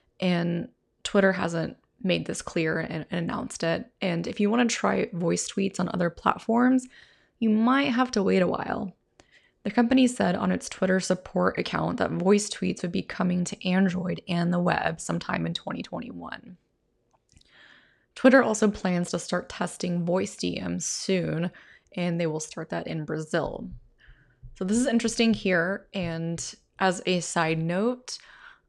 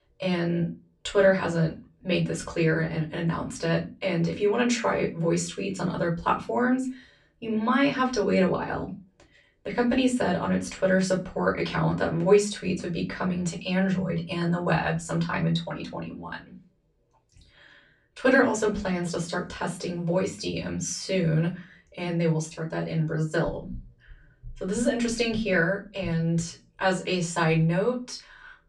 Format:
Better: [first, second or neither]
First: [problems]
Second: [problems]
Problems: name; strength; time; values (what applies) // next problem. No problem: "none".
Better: first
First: none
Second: off-mic speech; far // room echo; very slight; dies away in 0.2 s